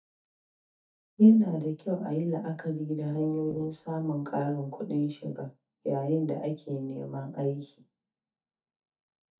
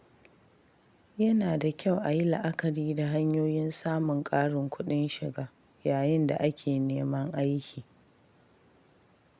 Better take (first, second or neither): second